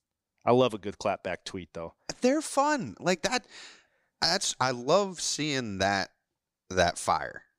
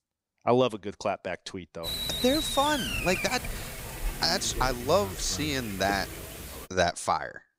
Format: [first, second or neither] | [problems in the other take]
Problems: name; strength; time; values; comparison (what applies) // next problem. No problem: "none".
first | hiss; loud; from 2 to 6.5 s; 5 dB below the speech